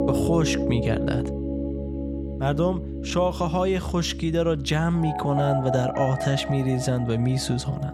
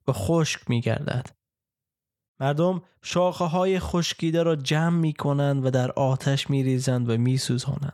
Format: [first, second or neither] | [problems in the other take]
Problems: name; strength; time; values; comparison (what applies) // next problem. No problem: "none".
second | background music; loud; throughout; 5 dB below the speech